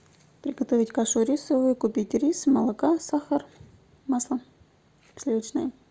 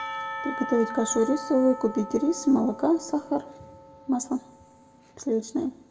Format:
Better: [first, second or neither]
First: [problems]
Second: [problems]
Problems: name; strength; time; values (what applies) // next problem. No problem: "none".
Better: first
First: none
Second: background sound (Church bell / Percussion); 12 dB below the speech // room echo; dies away in 0.8 s